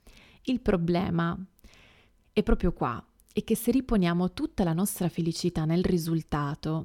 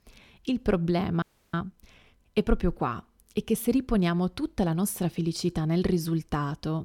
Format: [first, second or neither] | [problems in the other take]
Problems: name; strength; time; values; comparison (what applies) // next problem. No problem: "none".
first | audio freezing; at 1 s